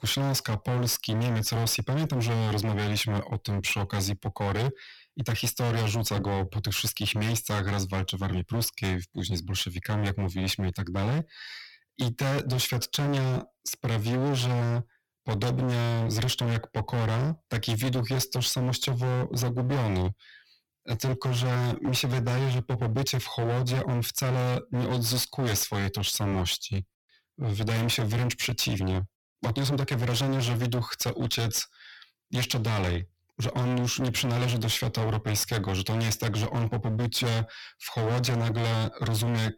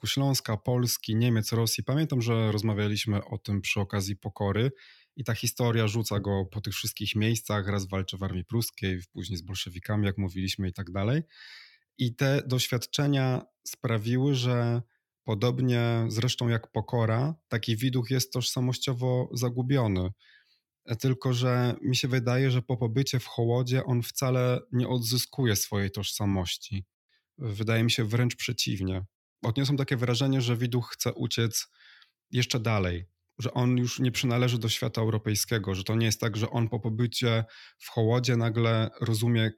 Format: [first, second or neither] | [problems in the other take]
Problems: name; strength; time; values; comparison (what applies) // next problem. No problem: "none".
second | distortion; heavy; 30% of the sound clipped